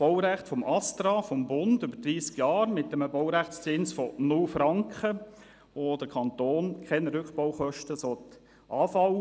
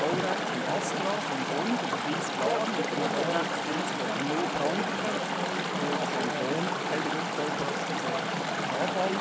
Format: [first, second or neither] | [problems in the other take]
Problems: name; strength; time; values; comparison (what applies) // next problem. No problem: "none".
first | background sound (Chatter / Stream); 4 dB above the speech